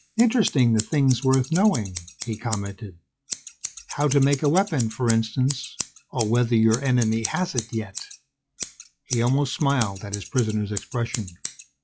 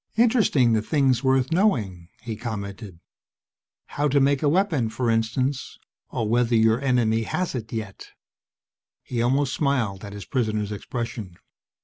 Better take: second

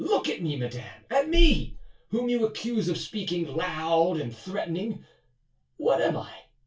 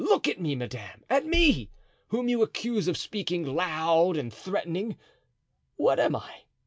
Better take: second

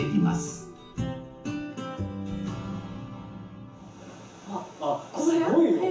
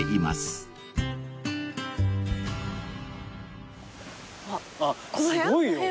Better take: second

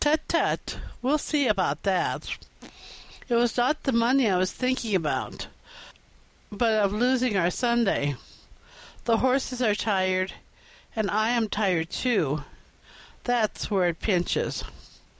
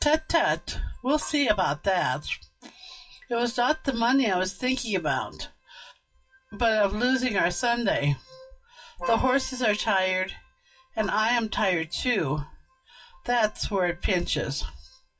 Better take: first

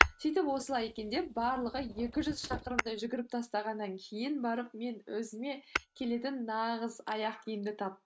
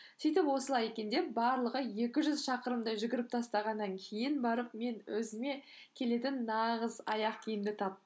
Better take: second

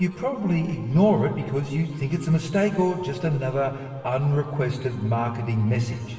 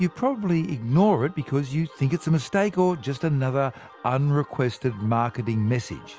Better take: second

